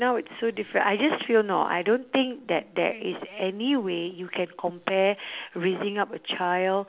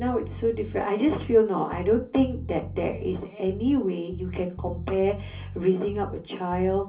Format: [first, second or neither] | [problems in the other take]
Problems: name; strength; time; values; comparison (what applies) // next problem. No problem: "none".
first | background sound (Bass guitar); 11 dB below the speech // room echo; dies away in 0.5 s